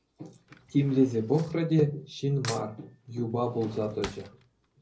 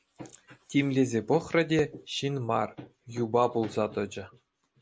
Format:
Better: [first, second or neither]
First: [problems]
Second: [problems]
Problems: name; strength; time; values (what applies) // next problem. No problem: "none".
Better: second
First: background sound (Cutlery, silverware / Drawer open or close); 18 dB below the speech // room echo; dies away in 0.4 s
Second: none